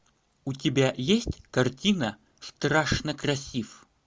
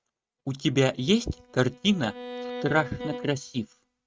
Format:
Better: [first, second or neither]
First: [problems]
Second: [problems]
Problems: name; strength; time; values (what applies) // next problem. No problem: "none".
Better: first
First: none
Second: noise reduction (neural mask model RNNoise)